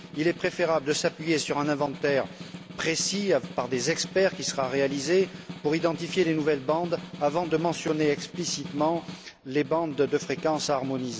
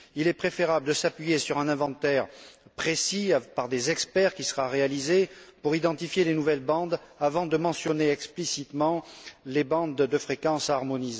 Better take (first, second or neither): second